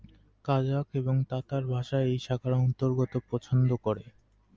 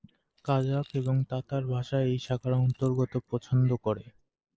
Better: first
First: none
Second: noise reduction (neural mask model Resemble Enhance denoiser)

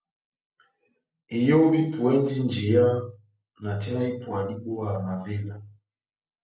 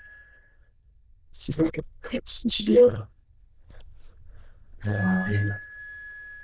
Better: first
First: none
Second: noise reduction (neural diffusion model UNIVERSE++)

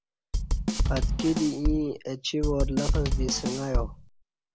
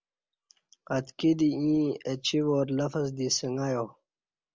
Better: second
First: background sound (Drum / Drum kit); 4 dB above the speech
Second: none

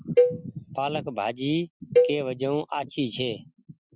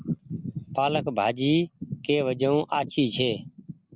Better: second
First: noise reduction (classical method Wiener filter)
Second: none

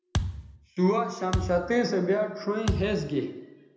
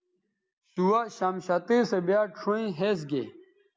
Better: second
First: background sound (Thump, thud); 6 dB below the speech // room echo; dies away in 0.7 s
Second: none

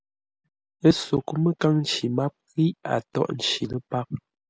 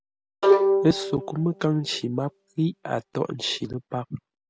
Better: first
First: none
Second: background sound (Bowed string instrument); 2 dB above the speech

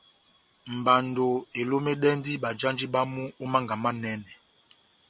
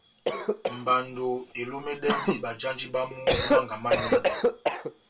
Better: first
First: none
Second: background sound (Cough); 3 dB above the speech // room echo; dies away in 0.2 s

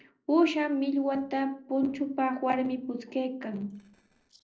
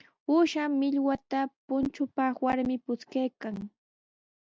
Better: second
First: noise reduction (neural separator model SepFormer DNS4)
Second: none

